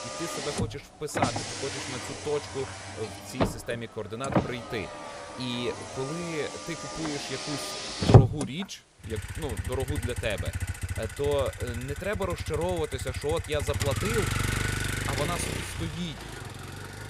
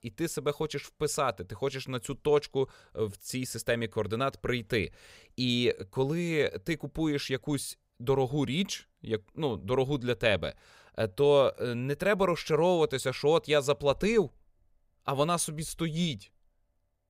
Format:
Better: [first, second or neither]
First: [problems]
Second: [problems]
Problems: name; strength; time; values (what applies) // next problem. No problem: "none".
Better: second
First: traffic noise; very loud; throughout; 3 dB above the speech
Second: none